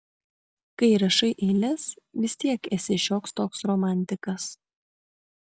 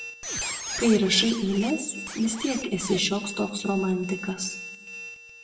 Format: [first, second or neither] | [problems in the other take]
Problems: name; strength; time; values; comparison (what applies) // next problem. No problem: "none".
first | background sound (Squeak); 10 dB below the speech // room echo; dies away in 0.7 s